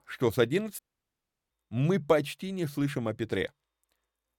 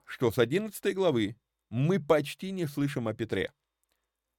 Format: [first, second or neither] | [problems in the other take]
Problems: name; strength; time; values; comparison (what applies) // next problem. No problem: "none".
second | audio cutting out; at 1 s for 0.5 s